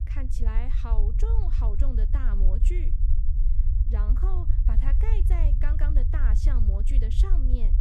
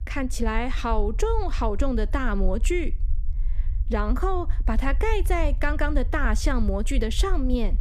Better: second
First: low rumble; loud; throughout; 4 dB below the speech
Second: low rumble; faint; throughout; 25 dB below the speech

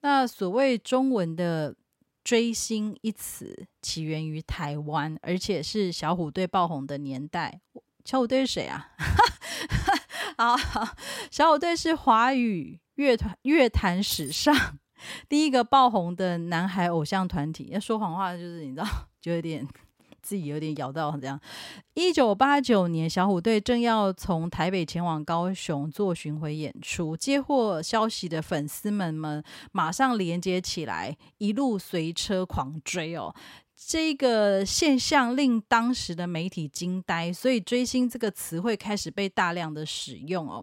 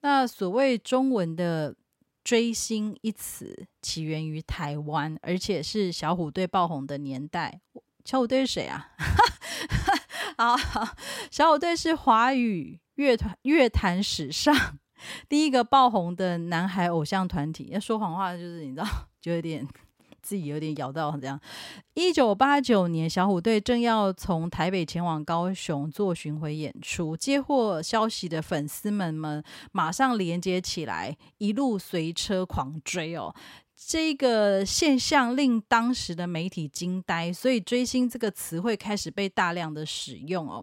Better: second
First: jangling keys; noticeable; at 14 s; peak 9 dB below the speech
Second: none

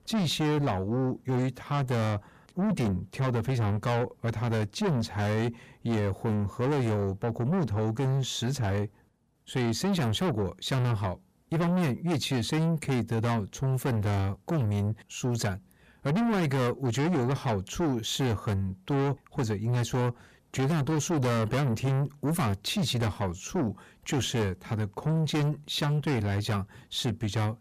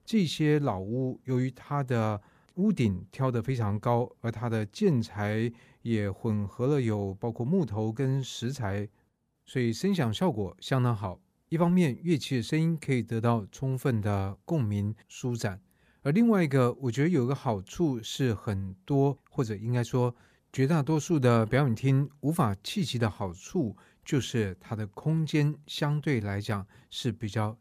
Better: second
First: distortion; heavy; 7 dB below the speech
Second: none

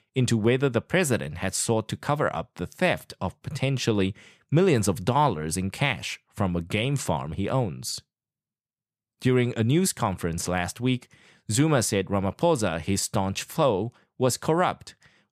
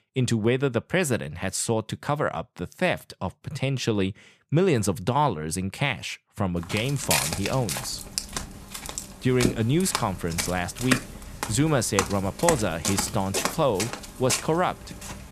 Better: first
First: none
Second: footsteps; loud; from 7 s on; peak 3 dB above the speech

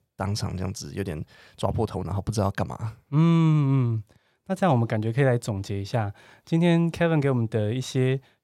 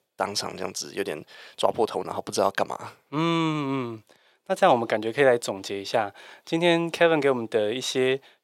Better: first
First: none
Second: thin; very; fading below 450 Hz

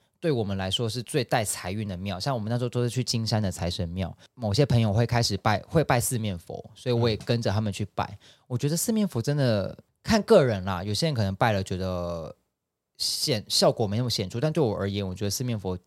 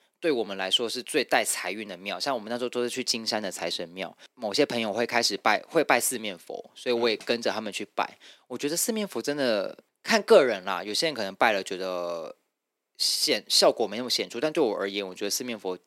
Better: first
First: none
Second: thin; somewhat; fading below 300 Hz

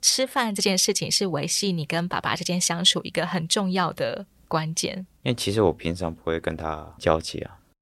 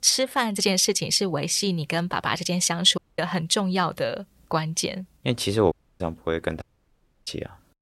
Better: first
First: none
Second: audio cutting out; at 3 s, at 5.5 s and at 6.5 s for 0.5 s

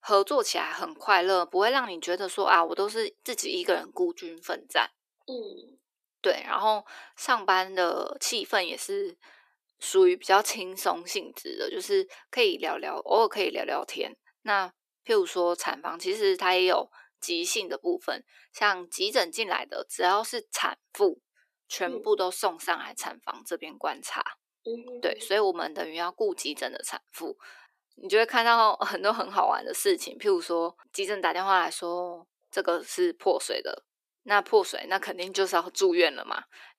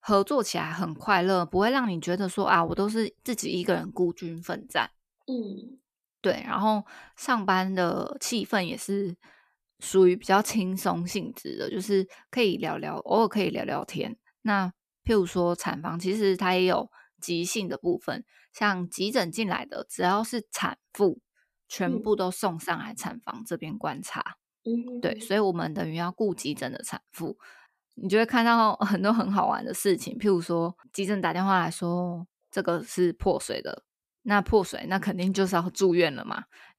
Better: second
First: thin; very; fading below 350 Hz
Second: none

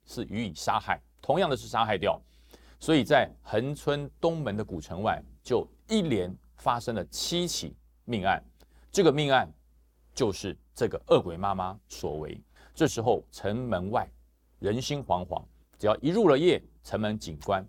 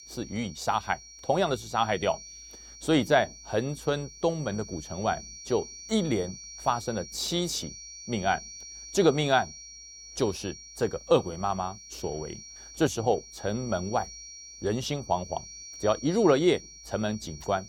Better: first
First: none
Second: high-pitched whine; noticeable; throughout; 5.5 kHz, 15 dB below the speech

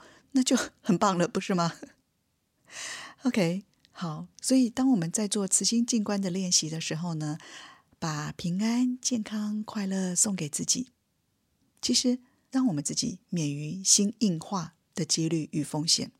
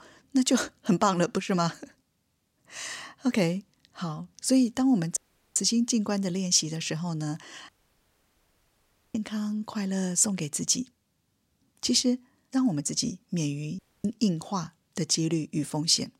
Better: first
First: none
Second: audio cutting out; at 5 s, at 7.5 s for 1.5 s and at 14 s

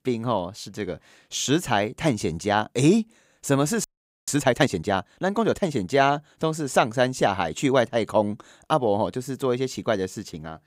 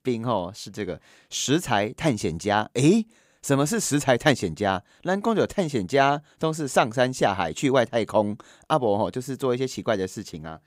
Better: second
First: audio freezing; at 4 s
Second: none

